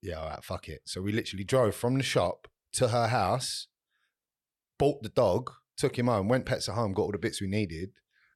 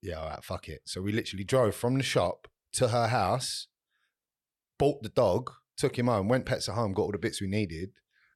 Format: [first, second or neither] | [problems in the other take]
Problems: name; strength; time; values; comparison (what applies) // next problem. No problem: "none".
neither | none